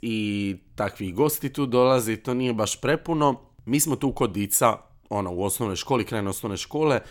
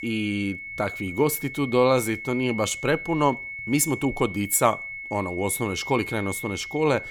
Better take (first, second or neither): first